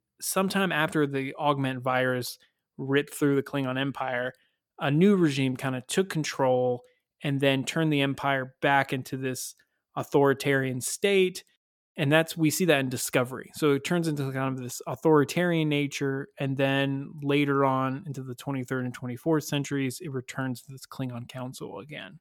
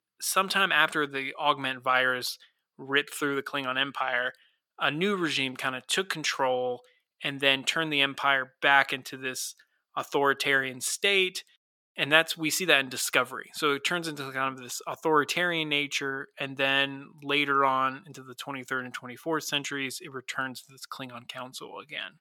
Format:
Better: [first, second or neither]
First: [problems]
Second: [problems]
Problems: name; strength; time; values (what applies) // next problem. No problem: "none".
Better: first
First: none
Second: thin; somewhat; fading below 1 kHz